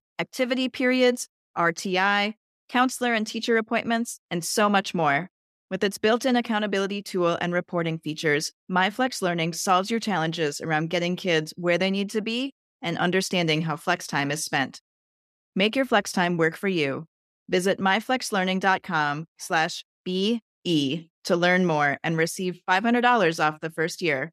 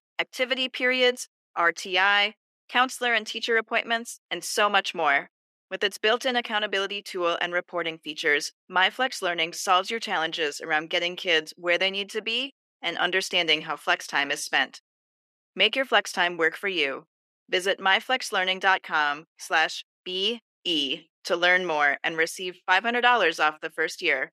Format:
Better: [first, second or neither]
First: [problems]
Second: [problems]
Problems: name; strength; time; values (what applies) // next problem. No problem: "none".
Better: first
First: none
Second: thin; somewhat; fading below 400 Hz